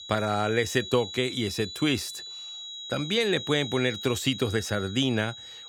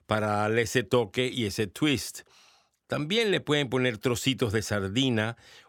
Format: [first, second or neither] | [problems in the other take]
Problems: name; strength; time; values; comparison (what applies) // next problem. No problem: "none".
second | high-pitched whine; loud; throughout; 4 kHz, 10 dB below the speech